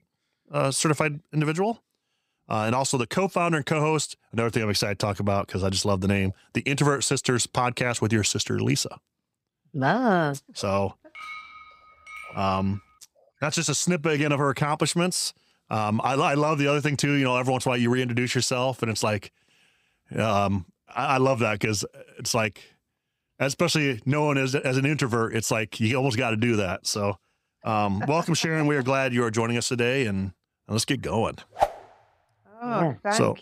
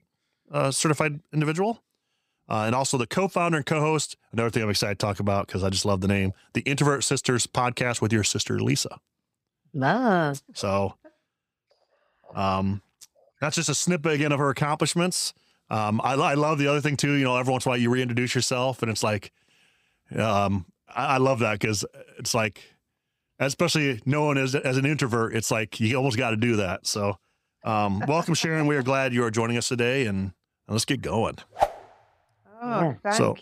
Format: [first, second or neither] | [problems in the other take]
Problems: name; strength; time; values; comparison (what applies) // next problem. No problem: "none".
second | clattering dishes; faint; from 11 to 13 s; peak 15 dB below the speech